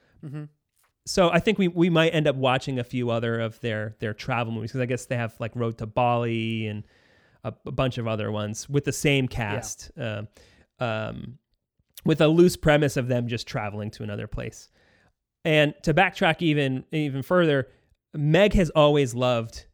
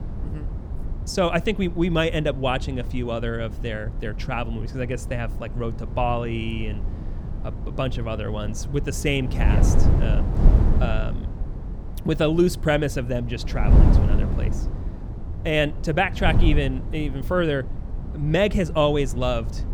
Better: first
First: none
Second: wind noise on the microphone; occasional gusts; 10 dB below the speech

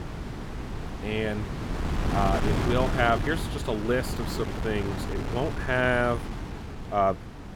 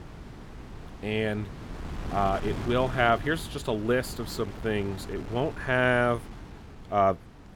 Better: second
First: wind noise on the microphone; heavy; 8 dB below the speech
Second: wind noise on the microphone; occasional gusts; 15 dB below the speech

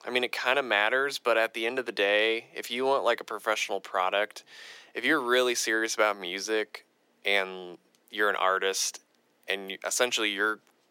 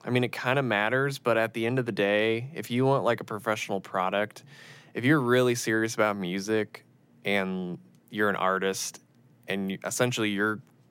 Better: second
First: thin; somewhat; fading below 350 Hz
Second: none

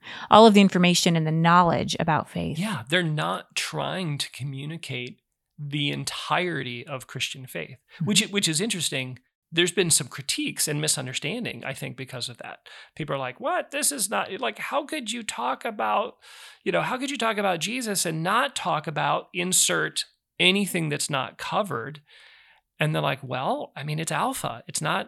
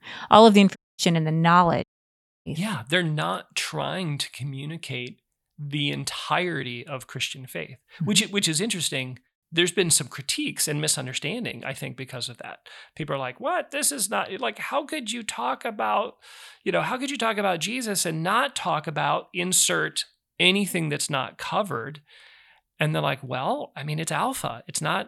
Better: first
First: none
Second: audio cutting out; at 1 s and at 2 s for 0.5 s

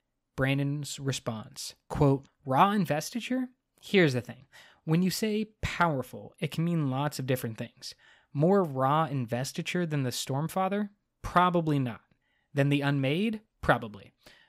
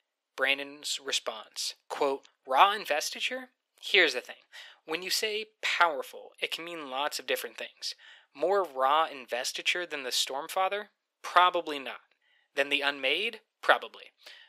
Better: first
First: none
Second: thin; very; fading below 400 Hz

